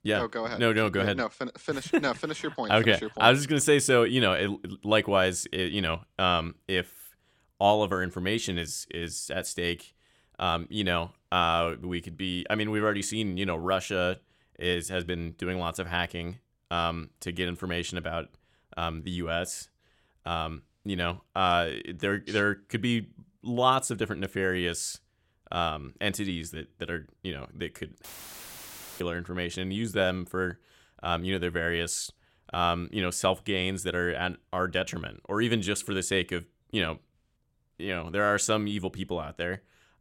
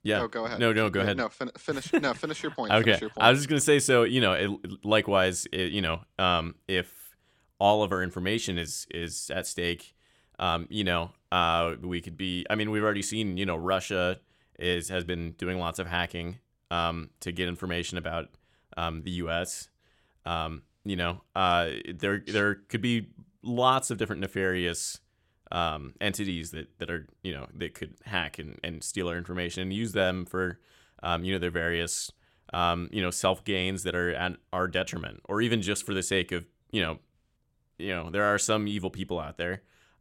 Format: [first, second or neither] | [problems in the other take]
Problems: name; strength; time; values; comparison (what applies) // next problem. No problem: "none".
second | audio cutting out; filled with static; at 28 s for 1 s